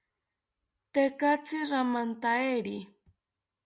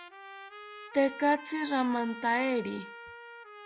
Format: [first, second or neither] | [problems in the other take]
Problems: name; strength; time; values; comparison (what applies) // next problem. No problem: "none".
first | background sound (Trumpet); 14 dB below the speech